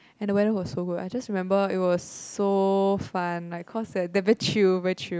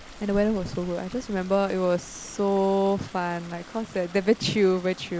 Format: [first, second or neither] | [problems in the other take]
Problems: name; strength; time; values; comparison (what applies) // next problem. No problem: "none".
first | background sound (Stream); 18 dB below the speech